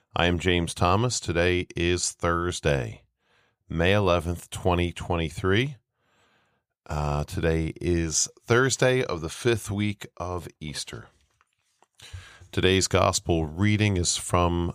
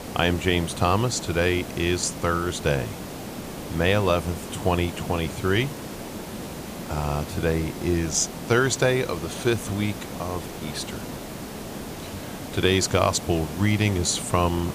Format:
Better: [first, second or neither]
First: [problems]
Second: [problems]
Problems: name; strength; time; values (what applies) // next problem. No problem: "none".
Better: first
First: none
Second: hiss; noticeable; throughout; 10 dB below the speech